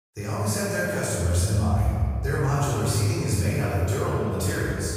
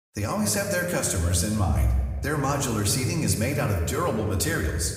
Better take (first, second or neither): second